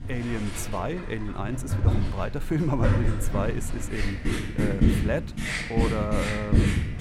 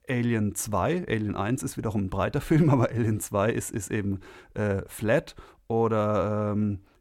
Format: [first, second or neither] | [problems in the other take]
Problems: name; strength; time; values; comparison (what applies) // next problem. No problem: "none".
second | household noises; very loud; throughout; 4 dB above the speech